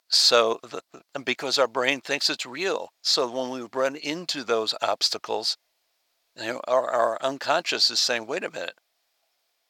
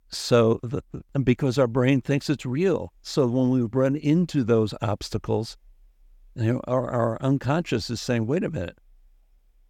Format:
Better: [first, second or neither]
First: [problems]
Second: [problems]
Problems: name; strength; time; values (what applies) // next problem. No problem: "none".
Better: second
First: thin; very; fading below 750 Hz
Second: none